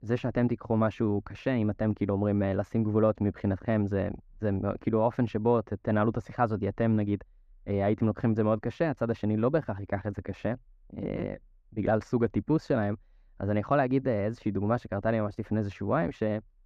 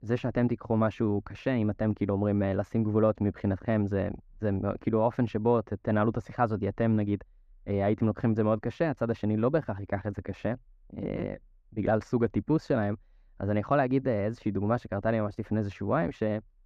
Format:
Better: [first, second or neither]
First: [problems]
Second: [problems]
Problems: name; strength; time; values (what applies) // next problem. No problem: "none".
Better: neither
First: muffled; very; fading above 2.5 kHz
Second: muffled; very; fading above 2.5 kHz